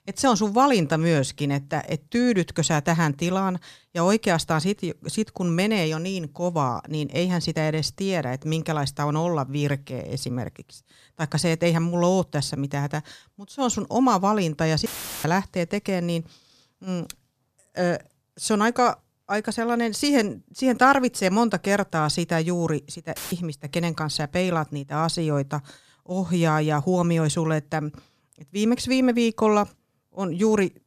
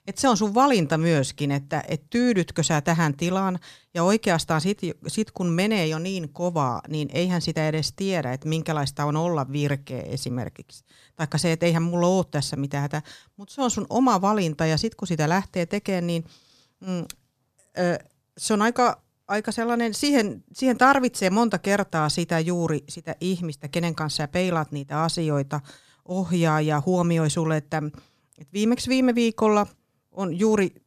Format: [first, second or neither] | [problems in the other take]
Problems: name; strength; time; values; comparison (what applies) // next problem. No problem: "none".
second | audio cutting out; filled with static; at 15 s and at 23 s